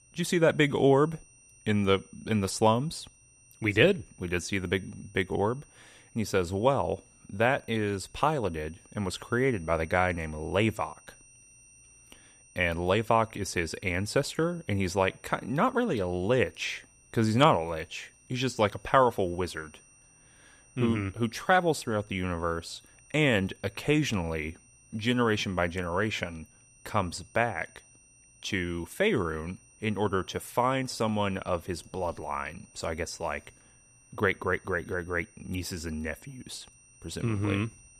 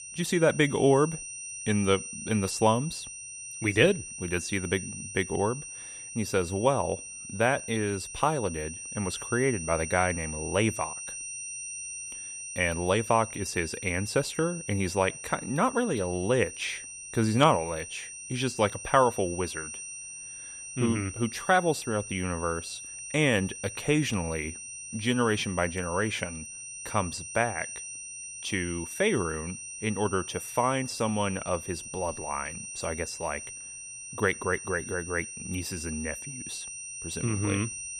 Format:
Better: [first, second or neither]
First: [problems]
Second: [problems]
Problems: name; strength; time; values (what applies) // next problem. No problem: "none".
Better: first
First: high-pitched whine; faint; throughout; 6 kHz, 25 dB below the speech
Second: high-pitched whine; loud; throughout; 6 kHz, 9 dB below the speech